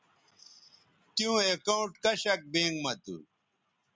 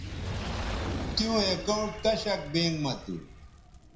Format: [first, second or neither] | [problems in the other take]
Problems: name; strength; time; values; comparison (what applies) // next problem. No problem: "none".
first | background sound (Fire); 6 dB below the speech // room echo; dies away in 0.5 s